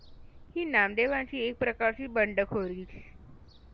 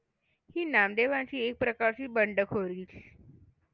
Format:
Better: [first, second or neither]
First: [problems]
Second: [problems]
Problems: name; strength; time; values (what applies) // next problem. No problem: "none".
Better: second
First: background sound (Gull, seagull / Fowl); 19 dB below the speech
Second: none